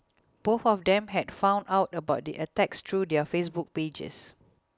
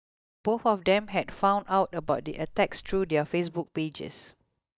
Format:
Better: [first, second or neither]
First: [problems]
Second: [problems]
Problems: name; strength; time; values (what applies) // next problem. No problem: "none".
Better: first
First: none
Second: noise reduction (neural mask model DeepFilterNet 3)